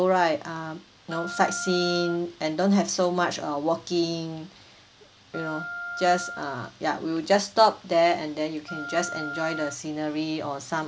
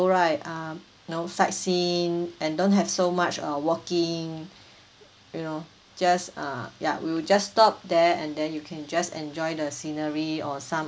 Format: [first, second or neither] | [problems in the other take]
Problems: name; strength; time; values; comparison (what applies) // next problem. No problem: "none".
second | background sound (Wind instrument, woodwind instrument); 11 dB below the speech